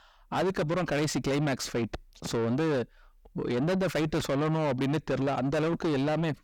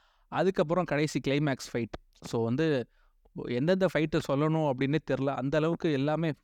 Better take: second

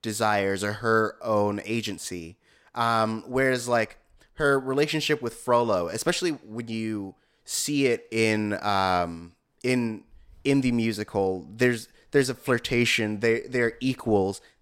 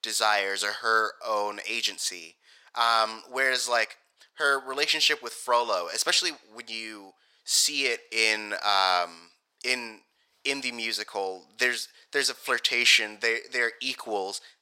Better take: first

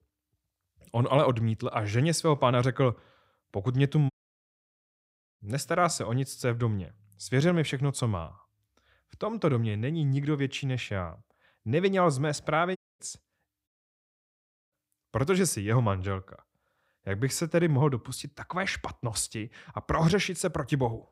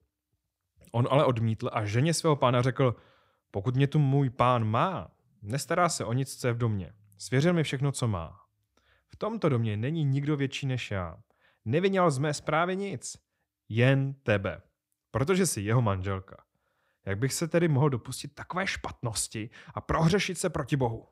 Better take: second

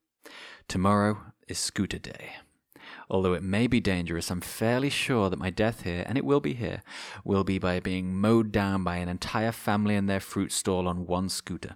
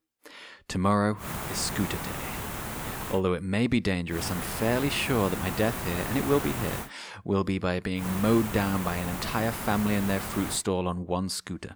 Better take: first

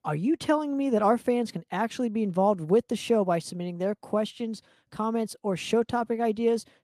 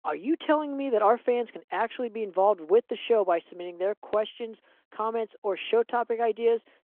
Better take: first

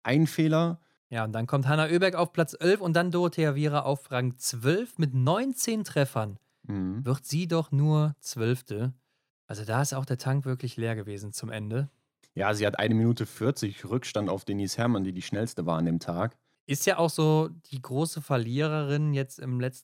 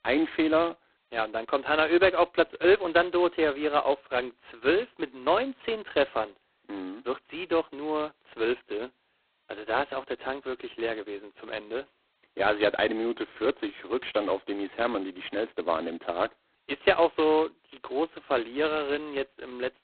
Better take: first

